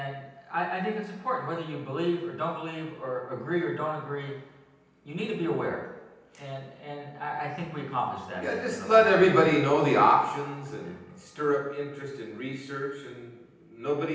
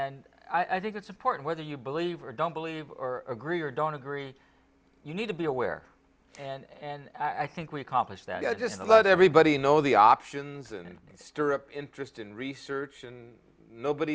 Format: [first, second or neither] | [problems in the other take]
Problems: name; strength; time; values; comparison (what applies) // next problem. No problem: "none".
second | room echo; dies away in 0.9 s